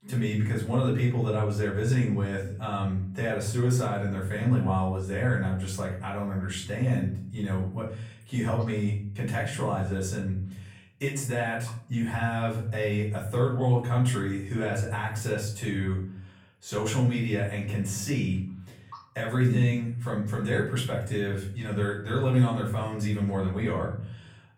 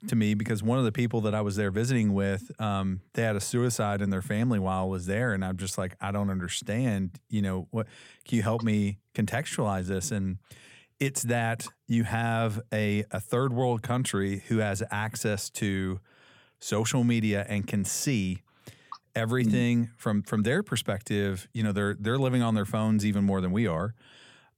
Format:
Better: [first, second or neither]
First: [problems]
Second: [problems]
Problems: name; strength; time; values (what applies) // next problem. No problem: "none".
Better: second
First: off-mic speech; far // room echo; noticeable; dies away in 0.5 s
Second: none